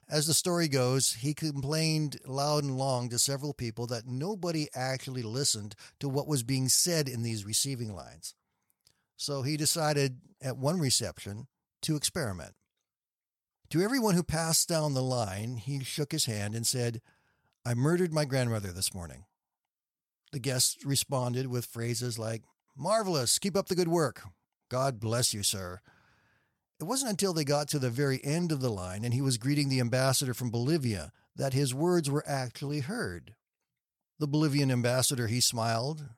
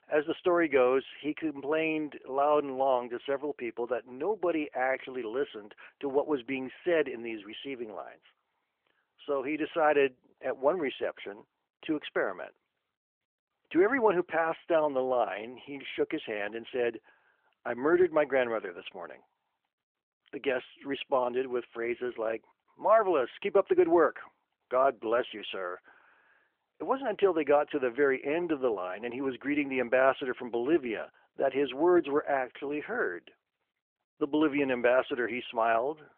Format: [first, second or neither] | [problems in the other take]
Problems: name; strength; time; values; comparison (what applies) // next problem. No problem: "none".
first | phone-call audio; nothing above 3.5 kHz